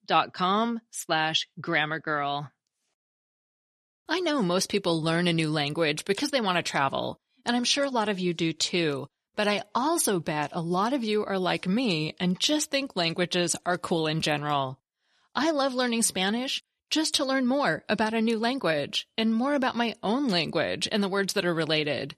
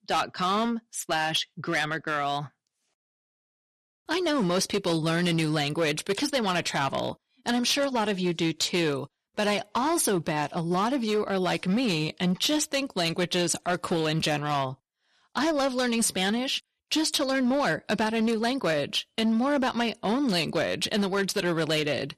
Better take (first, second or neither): first